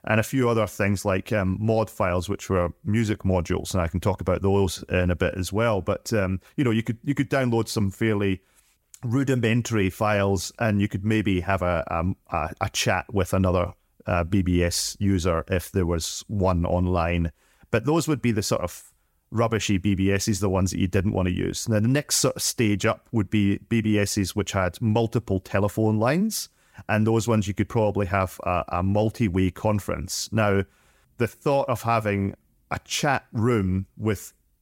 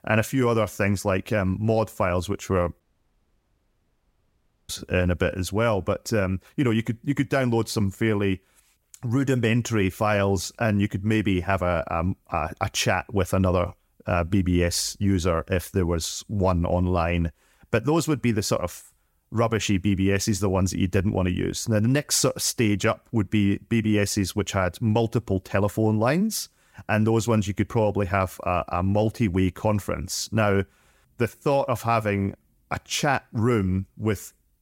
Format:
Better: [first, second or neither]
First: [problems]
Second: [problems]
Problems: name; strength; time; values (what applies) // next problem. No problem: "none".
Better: first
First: none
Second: audio cutting out; at 3 s for 2 s